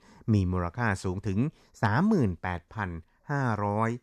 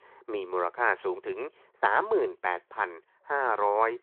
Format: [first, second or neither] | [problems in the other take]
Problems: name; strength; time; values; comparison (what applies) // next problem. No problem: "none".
first | phone-call audio